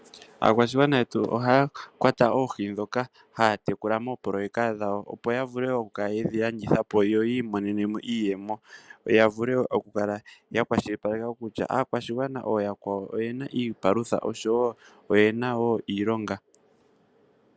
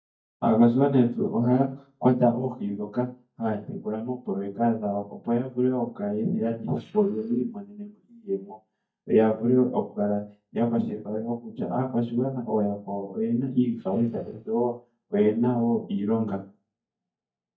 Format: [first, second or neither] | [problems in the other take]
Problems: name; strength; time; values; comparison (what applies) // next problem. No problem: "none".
first | noise reduction (neural mask model DeepFilterNet 3)